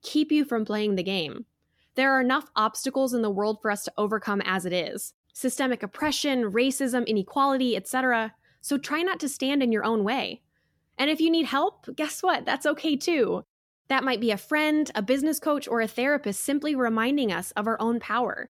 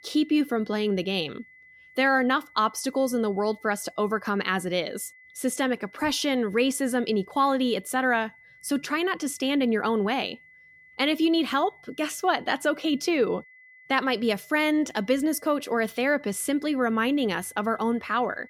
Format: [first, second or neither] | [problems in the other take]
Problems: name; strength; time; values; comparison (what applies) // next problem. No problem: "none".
first | high-pitched whine; faint; throughout; 2 kHz, 25 dB below the speech